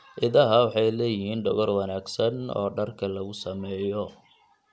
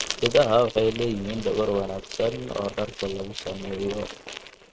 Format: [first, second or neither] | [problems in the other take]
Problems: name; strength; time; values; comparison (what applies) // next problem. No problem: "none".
first | noise reduction (neural mask model RNNoise)